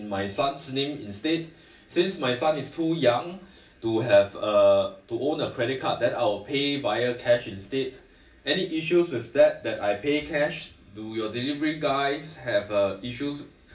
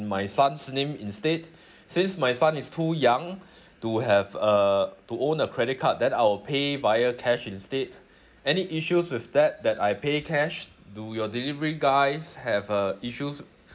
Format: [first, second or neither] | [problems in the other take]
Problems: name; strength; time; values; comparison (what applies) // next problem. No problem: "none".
second | room echo; dies away in 0.3 s